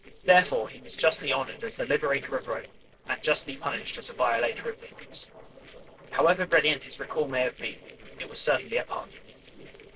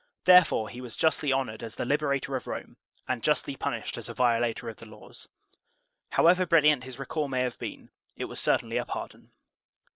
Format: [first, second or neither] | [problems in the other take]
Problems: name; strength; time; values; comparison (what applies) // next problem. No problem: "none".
second | noise reduction (neural separator model SepFormer DNS4)